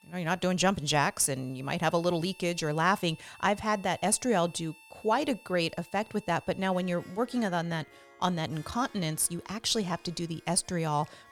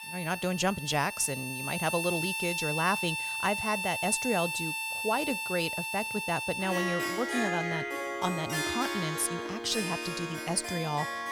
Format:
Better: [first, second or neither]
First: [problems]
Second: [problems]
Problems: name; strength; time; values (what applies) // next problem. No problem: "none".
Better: first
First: background music; faint; throughout; 25 dB below the speech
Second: background music; loud; throughout; 1 dB below the speech